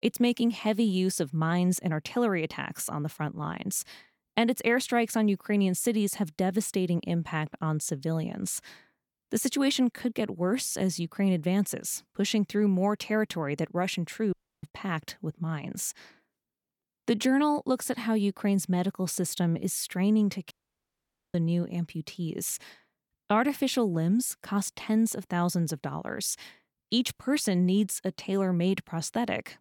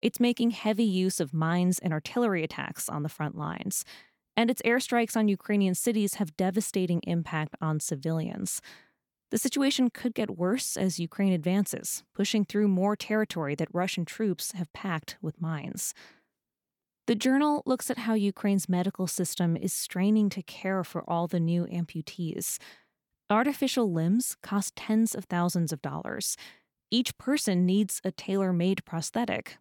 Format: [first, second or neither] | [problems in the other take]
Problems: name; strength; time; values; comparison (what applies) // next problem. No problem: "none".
second | audio cutting out; at 14 s and at 21 s for 1 s